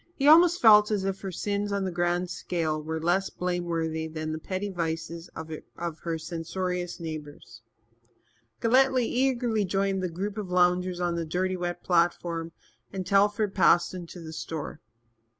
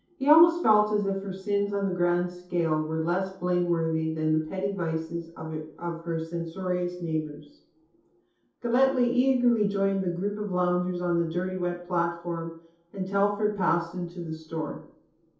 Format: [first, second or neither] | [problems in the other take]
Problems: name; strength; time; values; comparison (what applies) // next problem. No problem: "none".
first | room echo; dies away in 0.6 s